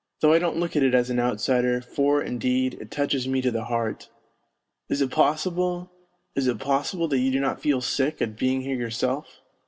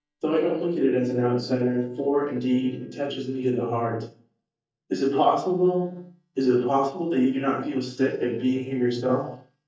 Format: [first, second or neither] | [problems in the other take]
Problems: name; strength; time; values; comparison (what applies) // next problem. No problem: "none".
first | noise reduction (neural mask model DeepFilterNet 3)